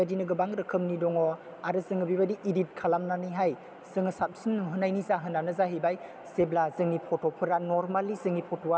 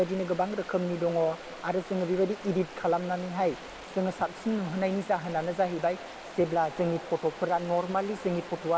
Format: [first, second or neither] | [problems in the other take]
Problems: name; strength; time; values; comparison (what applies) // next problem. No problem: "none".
first | background sound (Stream); 16 dB below the speech